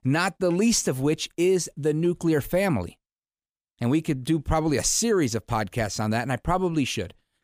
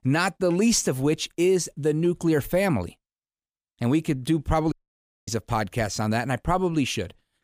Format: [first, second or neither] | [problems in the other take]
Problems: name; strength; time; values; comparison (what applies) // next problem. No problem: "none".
first | audio cutting out; at 4.5 s for 0.5 s